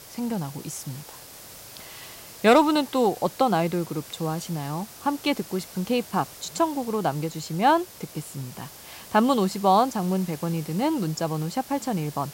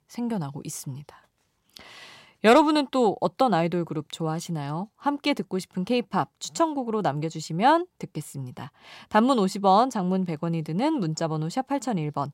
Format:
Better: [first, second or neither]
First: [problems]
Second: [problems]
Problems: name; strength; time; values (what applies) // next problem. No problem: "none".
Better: second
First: hiss; noticeable; throughout; 15 dB below the speech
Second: none